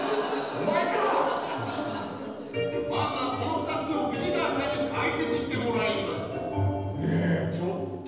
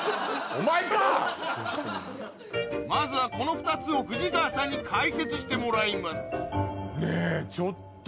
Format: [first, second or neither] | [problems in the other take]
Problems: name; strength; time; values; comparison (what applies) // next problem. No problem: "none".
second | background sound (Insect); 14 dB below the speech // room echo; dies away in 1.1 s